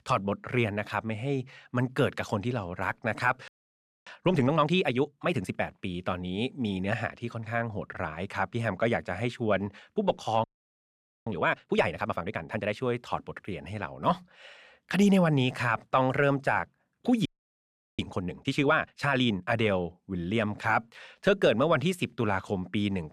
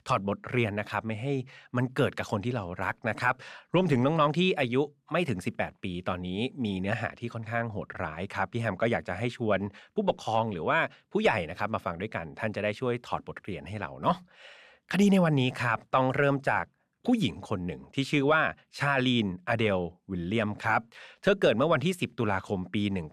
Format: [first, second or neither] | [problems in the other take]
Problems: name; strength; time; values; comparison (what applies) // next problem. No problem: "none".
second | audio freezing; at 3.5 s for 0.5 s, at 10 s for 1 s and at 17 s for 0.5 s